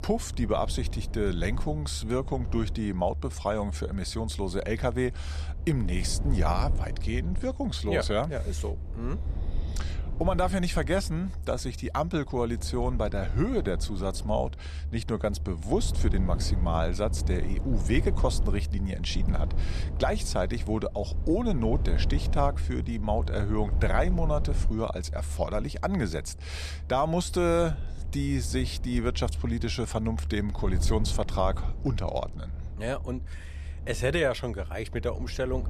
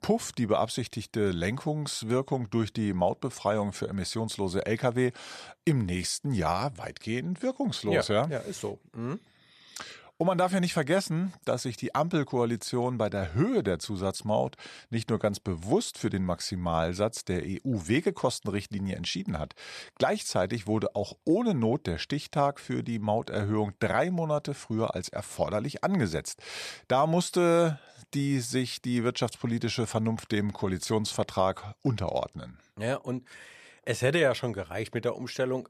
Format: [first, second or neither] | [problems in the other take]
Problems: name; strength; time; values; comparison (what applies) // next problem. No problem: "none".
second | low rumble; noticeable; throughout; 15 dB below the speech